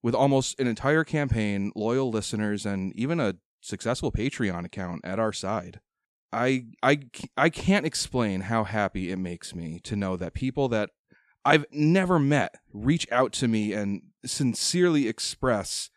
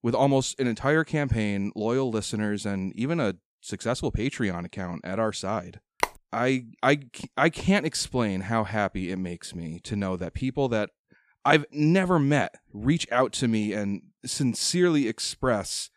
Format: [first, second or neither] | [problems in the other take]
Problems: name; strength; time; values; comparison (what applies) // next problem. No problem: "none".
first | phone ringing; very faint; at 6 s; peak 3 dB below the speech